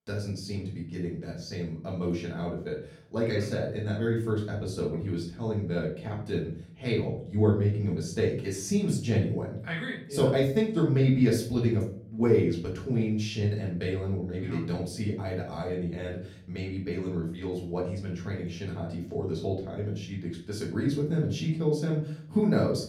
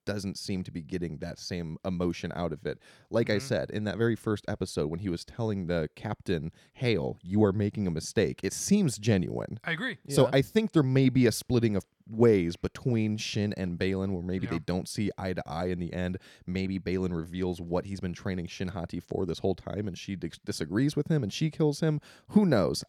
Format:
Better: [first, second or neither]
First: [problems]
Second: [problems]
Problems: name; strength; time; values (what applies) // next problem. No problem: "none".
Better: second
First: off-mic speech; far // room echo; slight; dies away in 0.5 s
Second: none